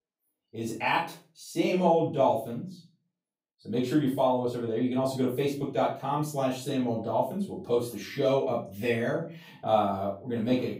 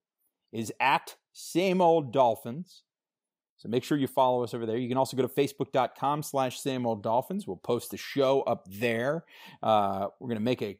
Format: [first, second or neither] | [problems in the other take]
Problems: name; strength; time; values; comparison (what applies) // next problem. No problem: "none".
second | room echo; slight; dies away in 0.3 s // off-mic speech; far